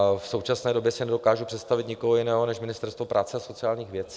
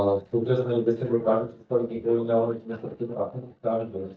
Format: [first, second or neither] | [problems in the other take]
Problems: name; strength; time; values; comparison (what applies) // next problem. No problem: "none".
first | noise reduction (neural mask model DeepFilterNet 3)